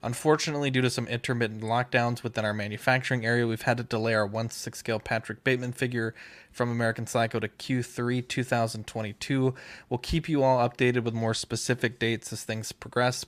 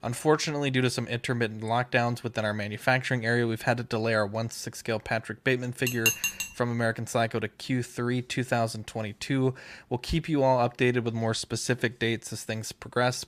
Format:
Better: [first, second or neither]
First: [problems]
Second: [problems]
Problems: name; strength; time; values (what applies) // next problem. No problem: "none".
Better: first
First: none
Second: clattering dishes; loud; at 6 s; peak 3 dB above the speech